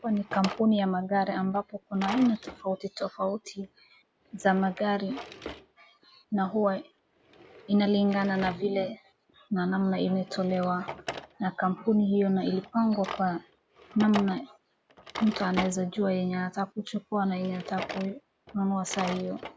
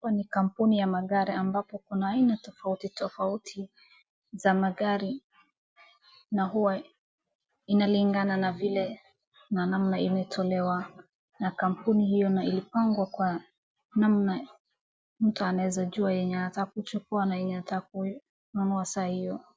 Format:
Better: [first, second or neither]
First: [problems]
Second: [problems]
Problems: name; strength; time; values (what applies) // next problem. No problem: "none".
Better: second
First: background sound (Drawer open or close); 14 dB below the speech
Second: none